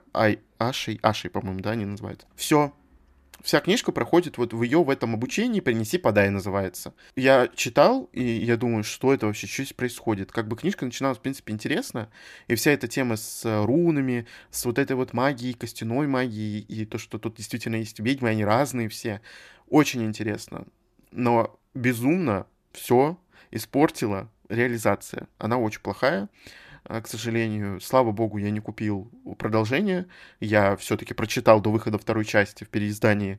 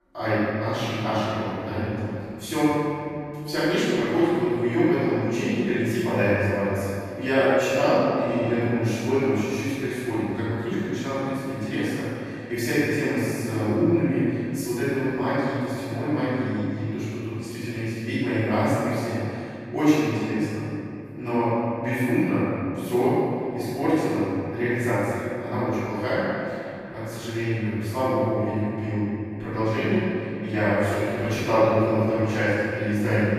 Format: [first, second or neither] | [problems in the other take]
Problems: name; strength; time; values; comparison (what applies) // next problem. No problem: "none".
first | off-mic speech; far // room echo; strong; dies away in 2.5 s